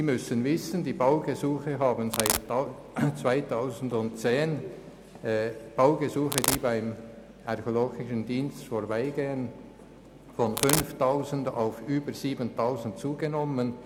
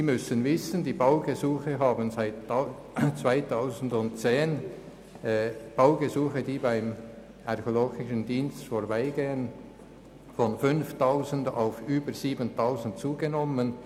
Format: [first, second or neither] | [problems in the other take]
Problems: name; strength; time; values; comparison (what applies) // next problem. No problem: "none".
second | background sound (Domestic sounds, home sounds); as loud as the speech